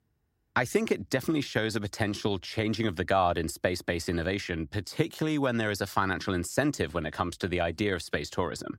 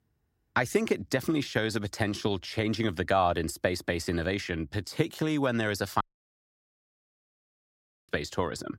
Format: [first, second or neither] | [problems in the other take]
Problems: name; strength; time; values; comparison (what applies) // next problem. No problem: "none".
first | audio cutting out; at 6 s for 2 s